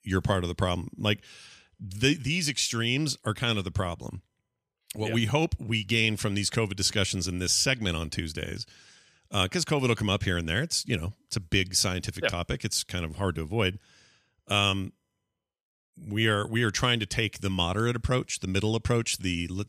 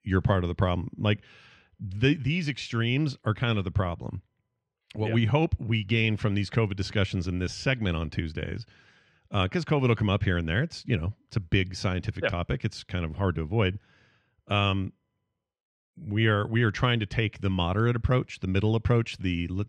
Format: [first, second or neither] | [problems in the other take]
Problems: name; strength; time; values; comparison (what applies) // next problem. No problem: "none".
first | muffled; slightly; fading above 2.5 kHz